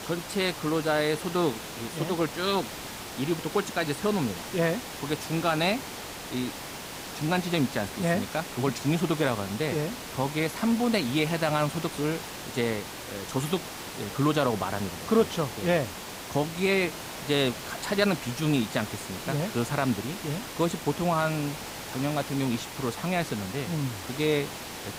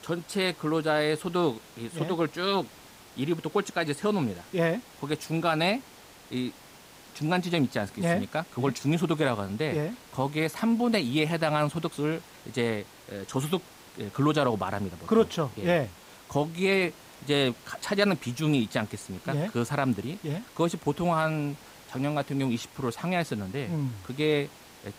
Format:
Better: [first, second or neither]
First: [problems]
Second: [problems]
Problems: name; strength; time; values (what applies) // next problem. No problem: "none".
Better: second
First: hiss; loud; throughout; 8 dB below the speech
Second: hiss; faint; throughout; 20 dB below the speech